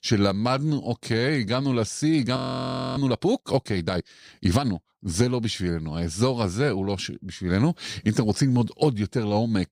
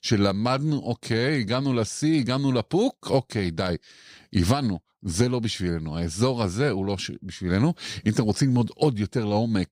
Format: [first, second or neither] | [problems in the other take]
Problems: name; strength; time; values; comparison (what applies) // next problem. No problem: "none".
second | audio freezing; at 2.5 s for 0.5 s